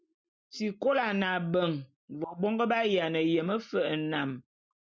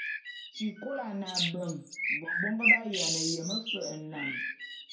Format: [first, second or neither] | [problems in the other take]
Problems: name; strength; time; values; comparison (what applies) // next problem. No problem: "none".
first | background sound (Bird); 4 dB above the speech // room echo; dies away in 0.5 s